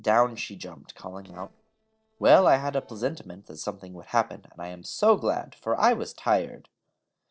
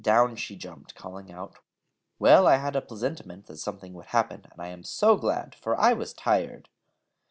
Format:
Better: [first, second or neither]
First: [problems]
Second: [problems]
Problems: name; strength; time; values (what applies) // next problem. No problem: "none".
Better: second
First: noise reduction (neural separator model SepFormer DNS4)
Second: none